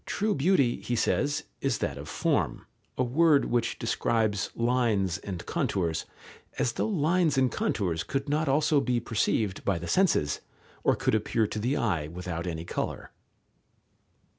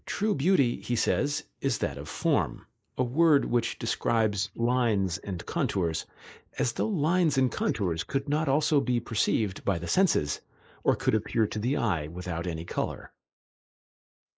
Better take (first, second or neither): first